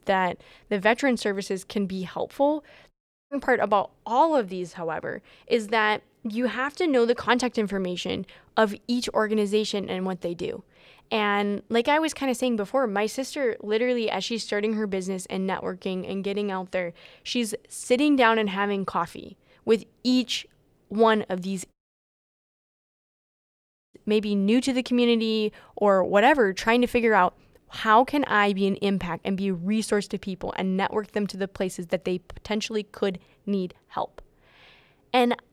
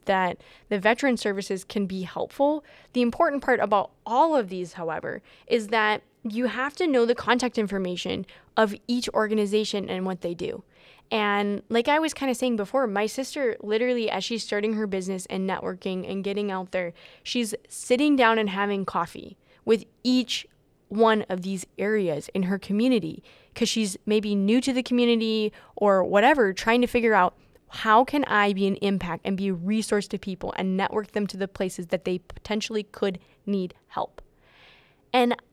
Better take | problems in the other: second | audio cutting out; at 3 s and at 22 s for 2 s

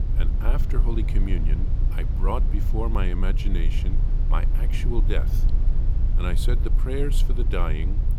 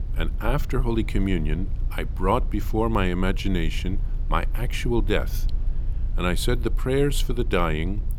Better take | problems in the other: second | low rumble; loud; throughout; 8 dB below the speech; faint in the second

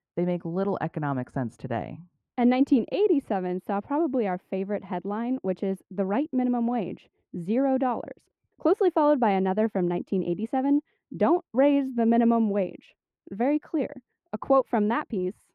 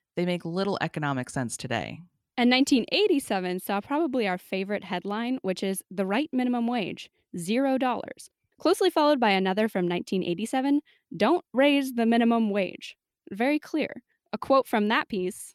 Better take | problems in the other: second | muffled; very; fading above 2.5 kHz

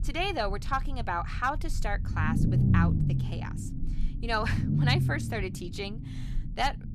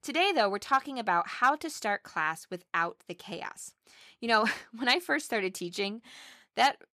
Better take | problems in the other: second | low rumble; loud; throughout; 9 dB below the speech

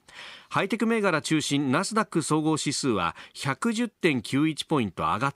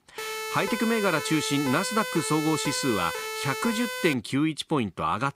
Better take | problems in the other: first | siren; noticeable; until 4 s; peak 4 dB below the speech

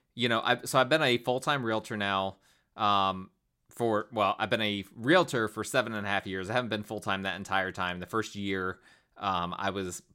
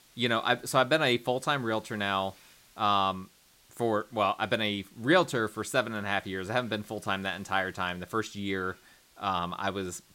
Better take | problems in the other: first | hiss; faint; throughout; 30 dB below the speech

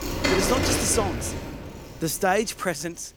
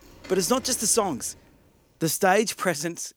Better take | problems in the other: second | traffic noise; loud; throughout; 1 dB below the speech; faint in the second

